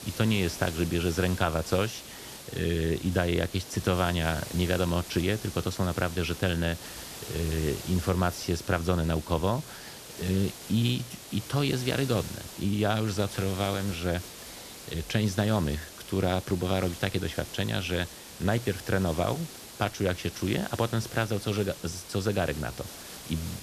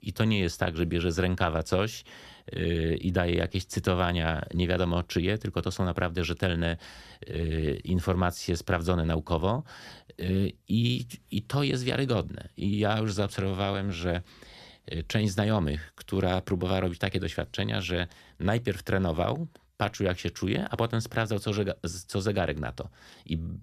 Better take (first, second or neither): second